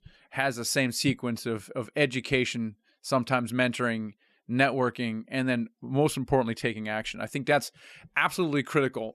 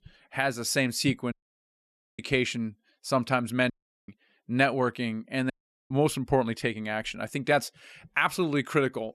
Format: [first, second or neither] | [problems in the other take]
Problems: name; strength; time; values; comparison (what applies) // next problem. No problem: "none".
first | audio cutting out; at 1.5 s for 1 s, at 3.5 s and at 5.5 s